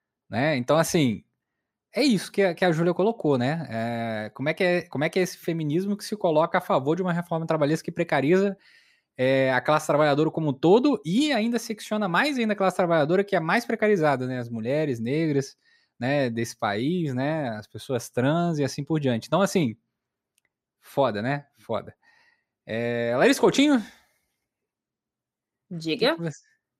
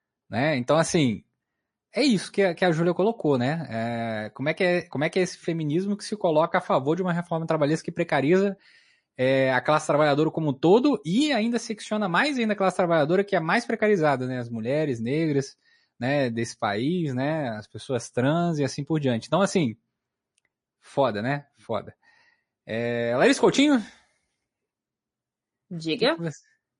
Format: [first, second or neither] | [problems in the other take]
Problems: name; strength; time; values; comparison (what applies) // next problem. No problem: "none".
first | garbled, watery; slightly; nothing above 10.5 kHz